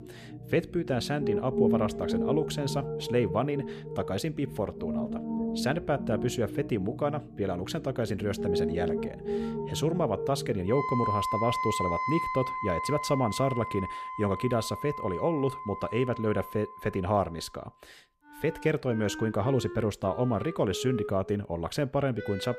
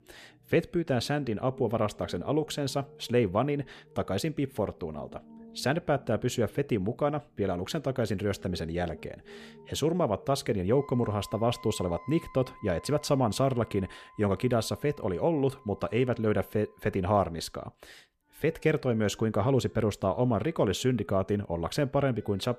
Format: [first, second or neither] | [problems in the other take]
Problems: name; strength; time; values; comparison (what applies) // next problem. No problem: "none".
second | background music; loud; throughout; 4 dB below the speech; faint in the second